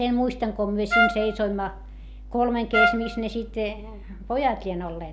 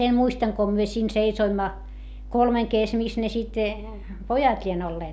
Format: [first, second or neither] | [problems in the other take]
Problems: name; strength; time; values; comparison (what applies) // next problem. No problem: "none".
second | background sound (Trumpet); 1 dB above the speech